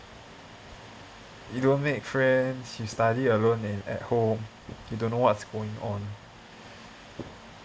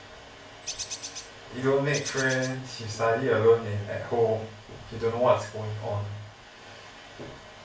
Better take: first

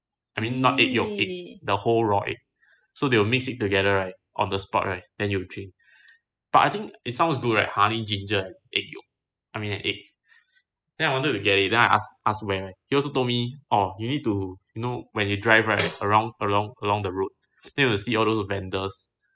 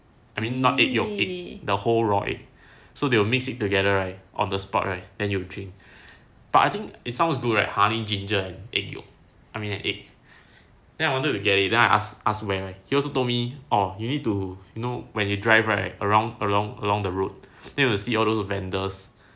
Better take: second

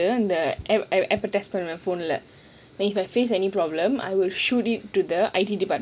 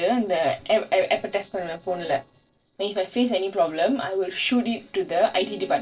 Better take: first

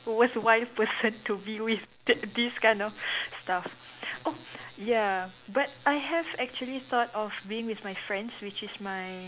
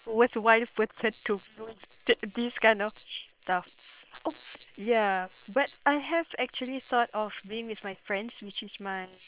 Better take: first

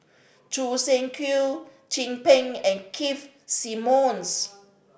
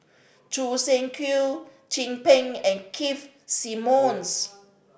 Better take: first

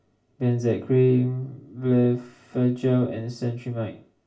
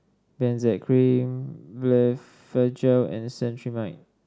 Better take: second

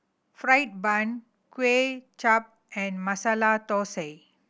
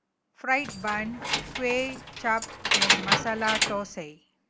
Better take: first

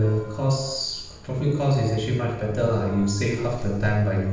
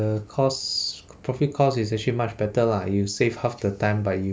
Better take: second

